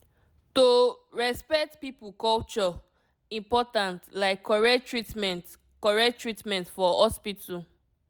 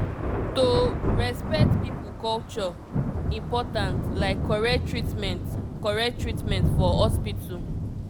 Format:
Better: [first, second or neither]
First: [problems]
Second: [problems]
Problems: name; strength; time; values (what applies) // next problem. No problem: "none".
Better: first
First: none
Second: background sound (Thunder); 3 dB above the speech